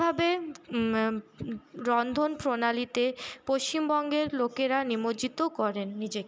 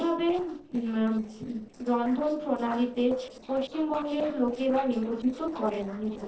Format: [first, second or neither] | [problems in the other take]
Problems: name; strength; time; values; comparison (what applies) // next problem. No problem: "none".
first | noise reduction (neural separator model SepFormer DNS4)